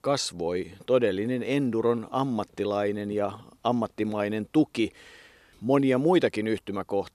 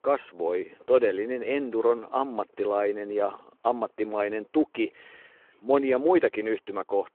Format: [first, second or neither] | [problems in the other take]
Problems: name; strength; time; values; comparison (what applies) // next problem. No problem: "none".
first | phone-call audio